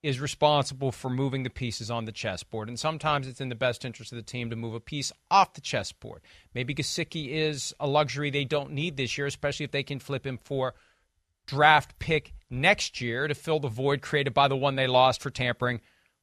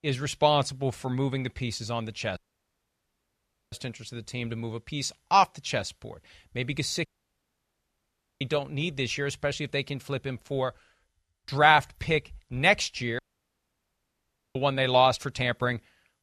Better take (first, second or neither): first